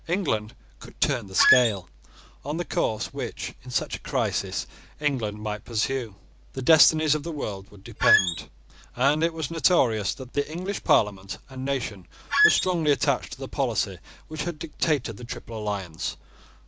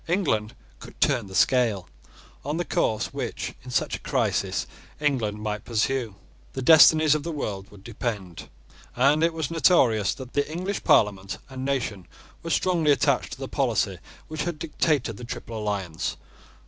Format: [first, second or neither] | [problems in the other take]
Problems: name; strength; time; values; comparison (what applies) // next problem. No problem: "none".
second | background sound (Squeak); 4 dB above the speech